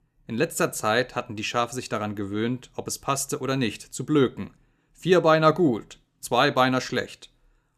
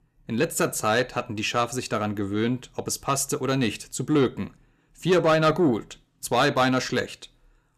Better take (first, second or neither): first